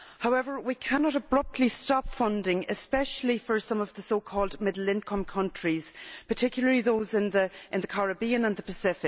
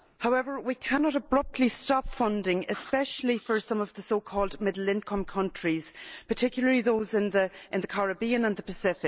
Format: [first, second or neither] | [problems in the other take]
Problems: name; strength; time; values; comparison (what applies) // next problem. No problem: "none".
first | noise reduction (neural mask model Resemble Enhance denoiser)